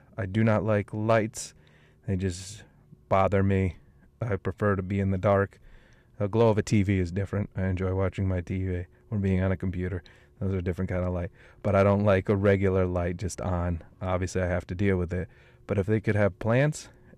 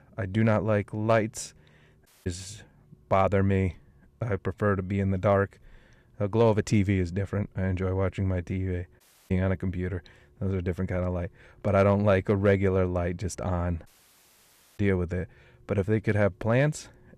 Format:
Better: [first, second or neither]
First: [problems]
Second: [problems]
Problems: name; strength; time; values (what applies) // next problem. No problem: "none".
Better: first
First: none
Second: audio cutting out; at 2 s, at 9 s and at 14 s for 1 s